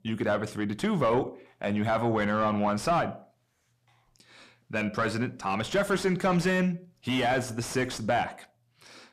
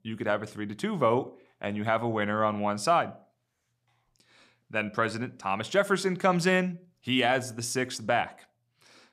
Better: second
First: distortion; heavy; 7 dB below the speech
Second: none

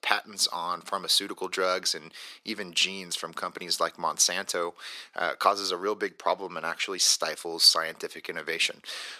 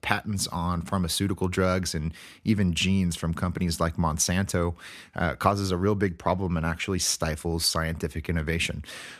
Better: second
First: thin; very; fading below 400 Hz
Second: none

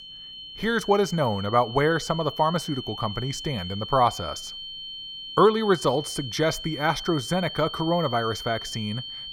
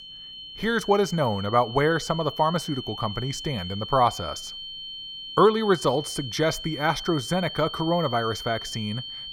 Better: neither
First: high-pitched whine; loud; throughout; 3 kHz, 10 dB below the speech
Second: high-pitched whine; loud; throughout; 3 kHz, 10 dB below the speech

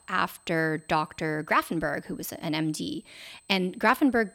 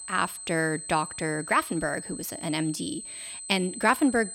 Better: first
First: high-pitched whine; faint; throughout; 8 kHz, 30 dB below the speech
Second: high-pitched whine; loud; throughout; 8 kHz, 10 dB below the speech

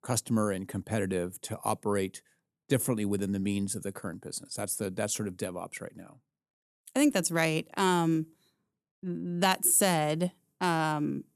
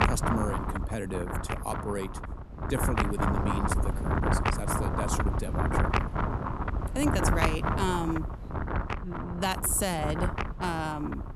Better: first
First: none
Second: wind noise on the microphone; heavy; 2 dB above the speech

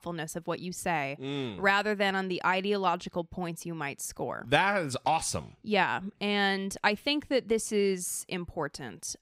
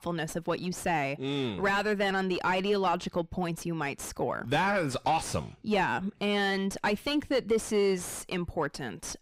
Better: first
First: none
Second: distortion; heavy; 6 dB below the speech

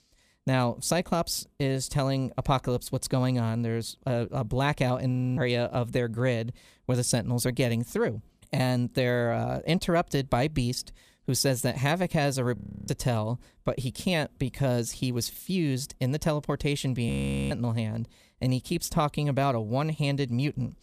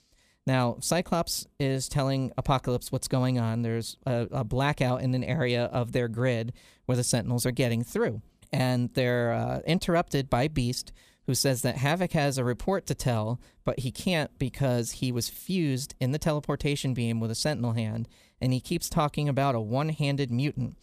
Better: second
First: audio freezing; at 5 s, at 13 s and at 17 s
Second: none

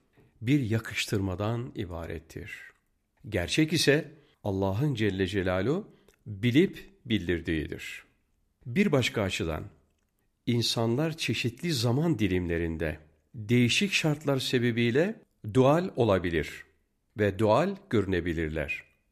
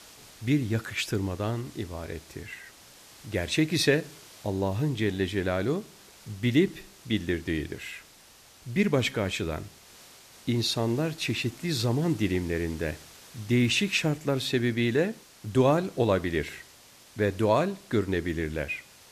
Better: first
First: none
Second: hiss; faint; throughout; 20 dB below the speech

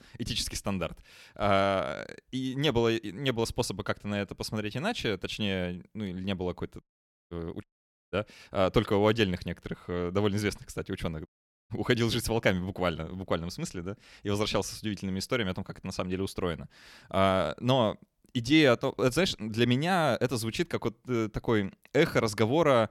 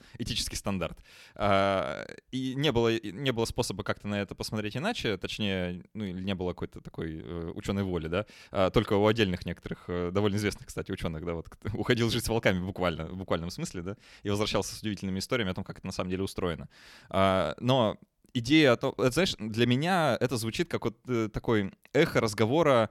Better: second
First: audio cutting out; at 7 s, at 7.5 s and at 11 s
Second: none

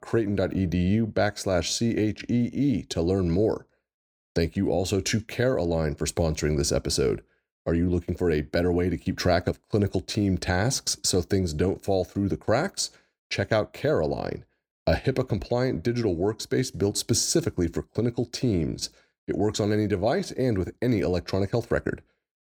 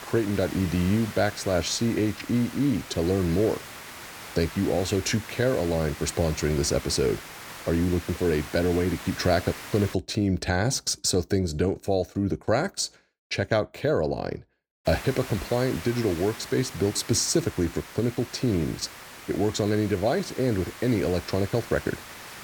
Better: first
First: none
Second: hiss; noticeable; until 10 s and from 15 s on; 15 dB below the speech

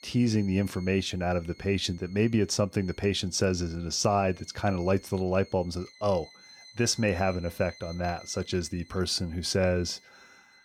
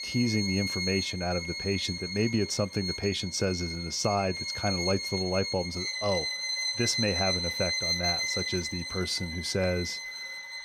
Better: first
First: background music; faint; throughout; 25 dB below the speech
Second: background music; loud; throughout; 1 dB below the speech

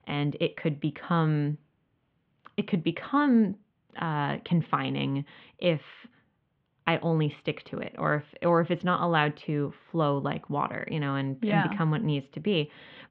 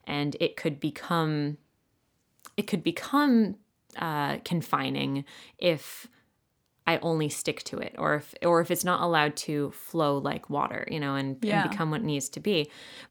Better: second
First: muffled; very; fading above 3 kHz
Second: none

